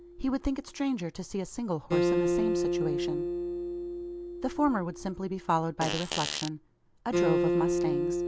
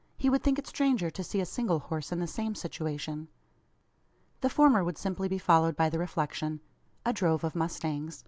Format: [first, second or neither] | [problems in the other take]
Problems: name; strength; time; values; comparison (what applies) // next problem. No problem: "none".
second | background sound (Fart + Acoustic guitar); 2 dB above the speech